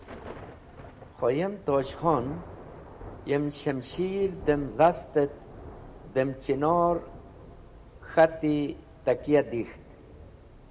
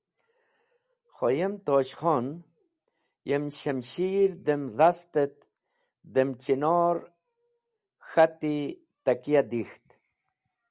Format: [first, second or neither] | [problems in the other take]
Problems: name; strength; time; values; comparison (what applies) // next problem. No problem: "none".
second | background sound (Thunder / Rain); 17 dB below the speech // room echo; dies away in 1.9 s